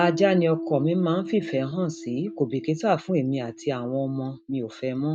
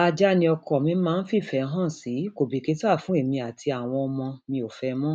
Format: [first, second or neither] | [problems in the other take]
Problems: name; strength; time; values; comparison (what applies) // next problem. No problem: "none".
second | noise reduction (neural mask model RNNoise)